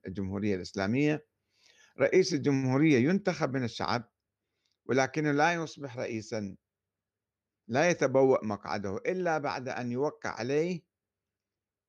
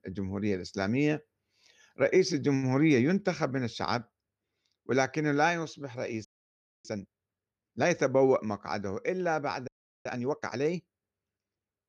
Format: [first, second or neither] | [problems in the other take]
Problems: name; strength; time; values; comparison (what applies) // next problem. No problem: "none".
first | audio freezing; at 6.5 s for 0.5 s and at 9.5 s